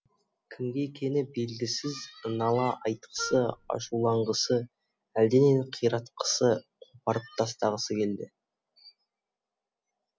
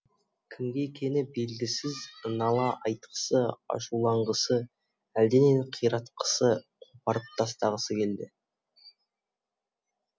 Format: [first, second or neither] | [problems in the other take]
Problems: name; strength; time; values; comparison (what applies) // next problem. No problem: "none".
second | background sound (Wind instrument, woodwind instrument); 13 dB below the speech